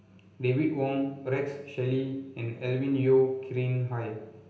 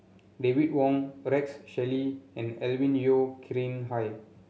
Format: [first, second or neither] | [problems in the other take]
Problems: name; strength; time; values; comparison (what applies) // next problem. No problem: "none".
second | room echo; dies away in 0.8 s